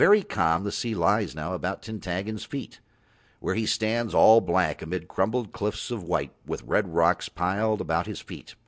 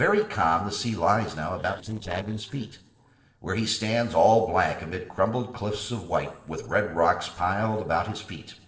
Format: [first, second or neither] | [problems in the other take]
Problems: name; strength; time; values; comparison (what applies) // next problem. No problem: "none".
first | noise reduction (neural separator model SepFormer DNS4)